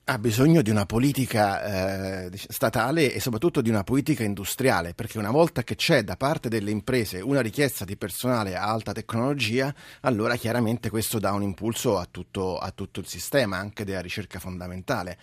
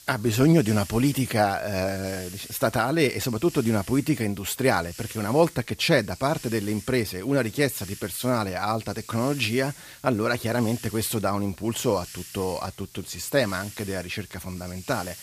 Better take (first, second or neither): first